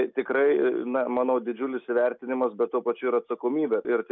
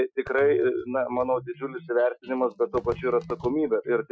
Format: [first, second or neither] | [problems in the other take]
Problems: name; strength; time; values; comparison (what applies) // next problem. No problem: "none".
first | noise reduction (classical method Wiener filter)